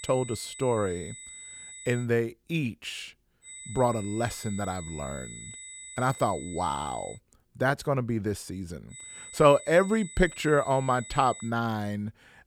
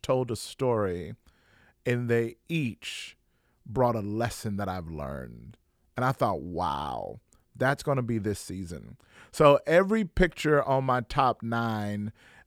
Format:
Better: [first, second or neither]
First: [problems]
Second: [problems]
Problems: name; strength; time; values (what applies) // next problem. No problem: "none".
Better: second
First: high-pitched whine; noticeable; until 2 s, from 3.5 to 7 s and from 9 to 11 s; 8 kHz, 15 dB below the speech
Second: none